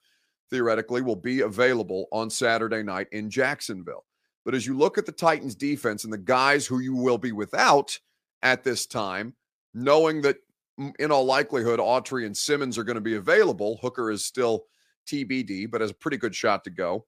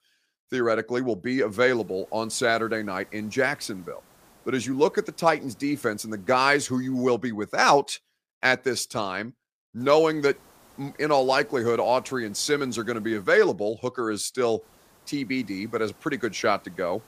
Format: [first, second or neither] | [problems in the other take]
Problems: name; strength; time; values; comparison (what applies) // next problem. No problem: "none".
first | hiss; faint; from 2 to 7 s, from 10 to 13 s and from 15 s on; 30 dB below the speech